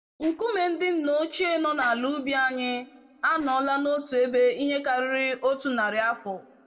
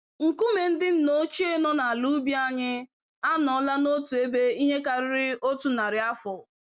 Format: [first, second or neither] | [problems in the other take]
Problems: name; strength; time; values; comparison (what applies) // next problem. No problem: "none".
second | noise reduction (neural separator model SepFormer DNS4)